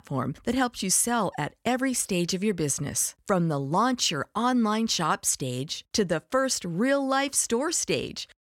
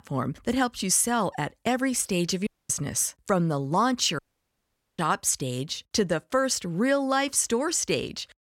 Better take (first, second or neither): first